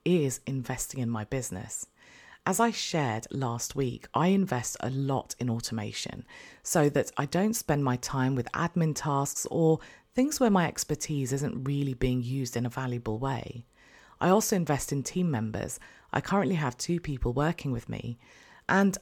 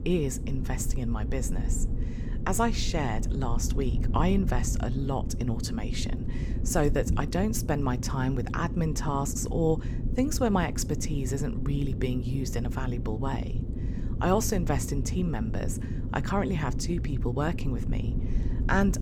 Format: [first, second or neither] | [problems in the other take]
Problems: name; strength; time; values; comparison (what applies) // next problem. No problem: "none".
first | low rumble; noticeable; throughout; 10 dB below the speech